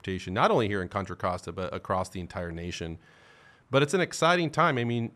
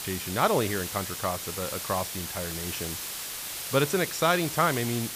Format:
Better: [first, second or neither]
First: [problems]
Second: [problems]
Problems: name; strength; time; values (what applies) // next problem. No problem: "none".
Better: first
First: none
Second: hiss; loud; throughout; 5 dB below the speech